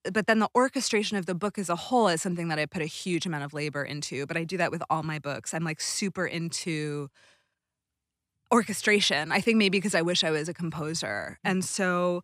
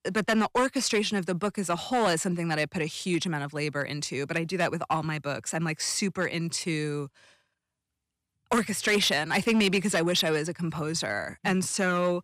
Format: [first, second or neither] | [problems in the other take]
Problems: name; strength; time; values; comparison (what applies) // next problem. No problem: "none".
first | distortion; slight; 4% of the sound clipped